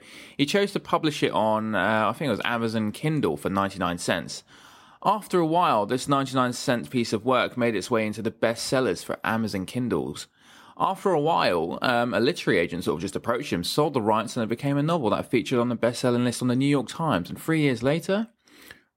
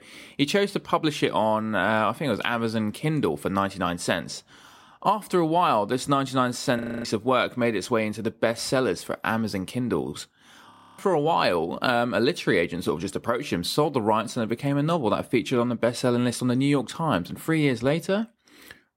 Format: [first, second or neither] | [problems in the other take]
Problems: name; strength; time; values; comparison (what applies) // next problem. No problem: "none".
first | audio freezing; at 7 s and at 11 s